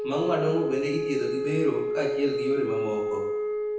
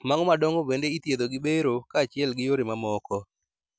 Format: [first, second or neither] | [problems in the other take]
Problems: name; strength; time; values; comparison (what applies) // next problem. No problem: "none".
second | background sound (Wind instrument, woodwind instrument); 1 dB above the speech // room echo; dies away in 0.9 s